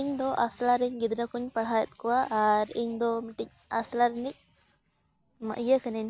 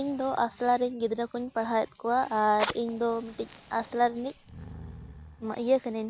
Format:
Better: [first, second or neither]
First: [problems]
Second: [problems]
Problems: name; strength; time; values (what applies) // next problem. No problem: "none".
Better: first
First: none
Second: background sound (Breathing + Fire); 15 dB below the speech